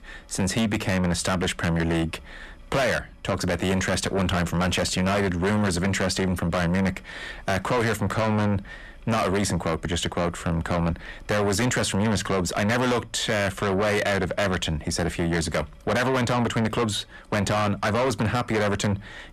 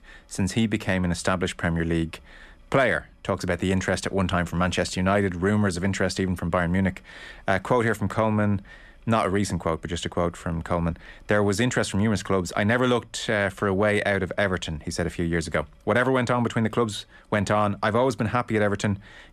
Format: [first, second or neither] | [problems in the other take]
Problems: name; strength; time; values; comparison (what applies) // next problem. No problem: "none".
second | distortion; heavy; 7 dB below the speech